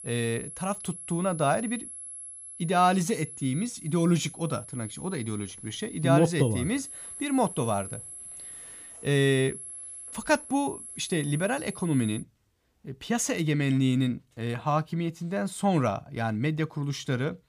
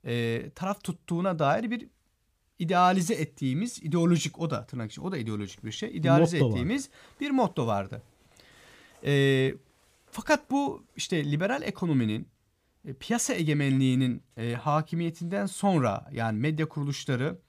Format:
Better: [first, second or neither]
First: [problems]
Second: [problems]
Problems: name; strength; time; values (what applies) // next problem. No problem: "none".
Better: second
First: high-pitched whine; noticeable; until 12 s; 11 kHz, 10 dB below the speech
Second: none